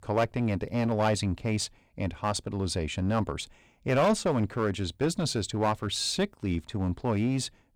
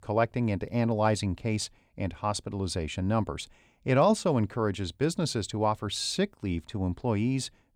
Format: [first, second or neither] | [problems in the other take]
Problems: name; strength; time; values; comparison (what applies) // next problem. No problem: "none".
second | distortion; slight; 7% of the sound clipped